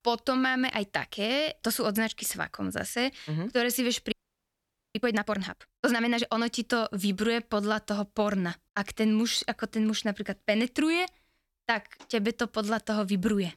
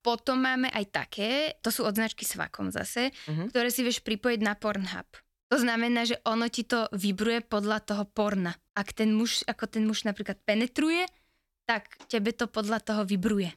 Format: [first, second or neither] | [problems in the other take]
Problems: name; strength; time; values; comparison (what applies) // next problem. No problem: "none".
second | audio freezing; at 4 s for 1 s